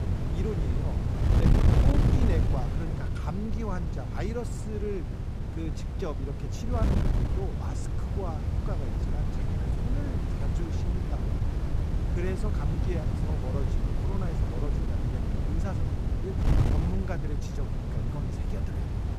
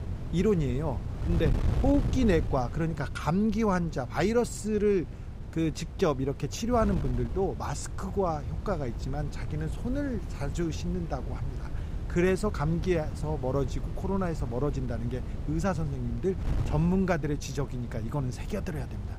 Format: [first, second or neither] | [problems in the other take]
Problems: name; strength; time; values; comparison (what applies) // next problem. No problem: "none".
second | wind noise on the microphone; heavy; 2 dB above the speech; occasional gusts in the second